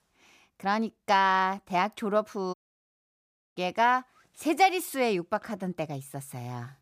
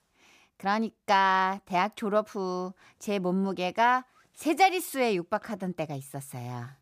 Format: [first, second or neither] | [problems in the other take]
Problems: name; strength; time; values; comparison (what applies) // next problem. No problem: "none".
second | audio cutting out; at 2.5 s for 1 s